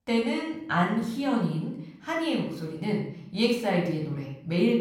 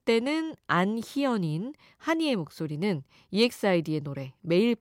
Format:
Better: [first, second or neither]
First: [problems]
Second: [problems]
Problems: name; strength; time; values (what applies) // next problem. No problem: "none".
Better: second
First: off-mic speech; far // room echo; noticeable; dies away in 0.6 s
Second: none